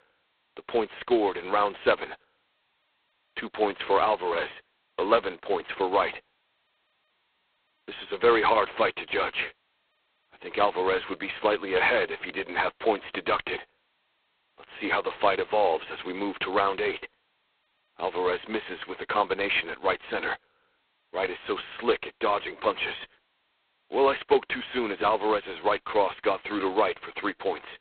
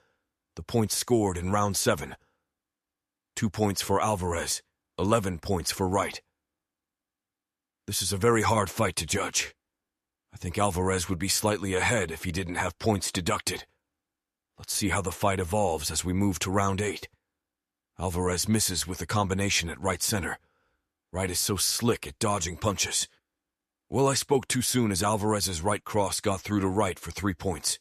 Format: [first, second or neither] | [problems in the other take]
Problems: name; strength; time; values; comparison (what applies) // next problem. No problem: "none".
second | phone-call audio; poor line; nothing above 4 kHz